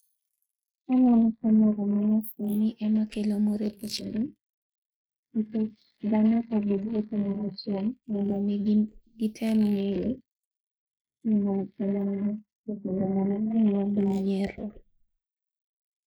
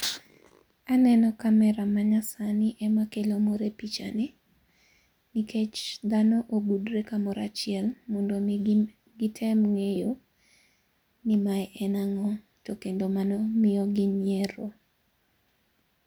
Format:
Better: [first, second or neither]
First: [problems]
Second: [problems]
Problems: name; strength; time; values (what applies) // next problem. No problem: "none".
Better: second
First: noise reduction (neural mask model Resemble Enhance denoiser)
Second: none